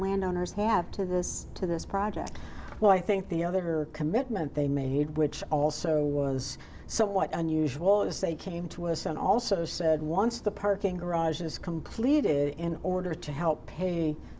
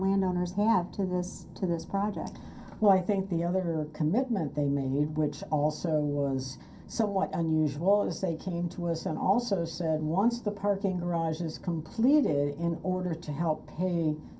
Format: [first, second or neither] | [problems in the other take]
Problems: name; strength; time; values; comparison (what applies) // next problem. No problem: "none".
first | room echo; dies away in 0.3 s